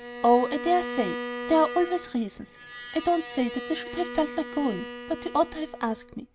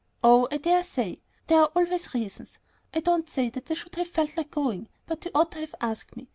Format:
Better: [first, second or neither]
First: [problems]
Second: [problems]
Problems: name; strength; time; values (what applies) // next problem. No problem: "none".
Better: second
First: background sound (Bowed string instrument); 10 dB below the speech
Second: none